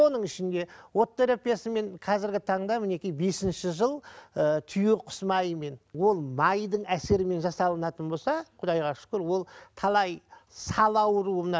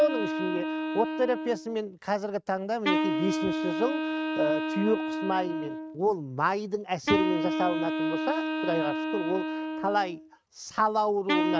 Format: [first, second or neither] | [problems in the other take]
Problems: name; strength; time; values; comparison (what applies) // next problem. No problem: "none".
first | noise reduction (neural mask model RNNoise)